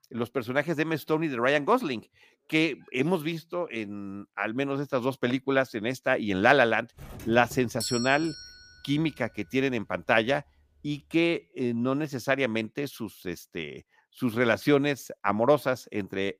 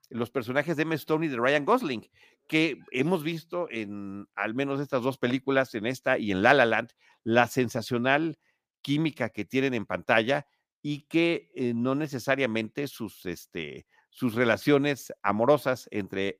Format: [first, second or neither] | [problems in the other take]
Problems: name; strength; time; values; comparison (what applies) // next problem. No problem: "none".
second | doorbell; noticeable; from 7 to 8.5 s; peak 5 dB below the speech